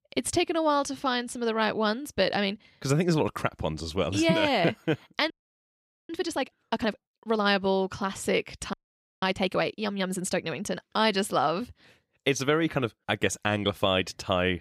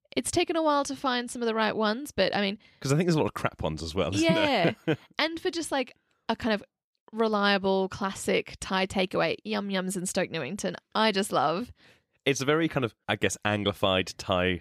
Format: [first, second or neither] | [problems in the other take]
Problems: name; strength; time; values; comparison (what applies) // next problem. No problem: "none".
second | audio freezing; at 5.5 s for 1 s and at 8.5 s